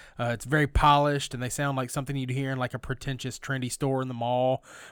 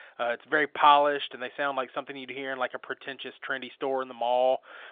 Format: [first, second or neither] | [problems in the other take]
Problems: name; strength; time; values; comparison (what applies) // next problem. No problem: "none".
first | phone-call audio; nothing above 3.5 kHz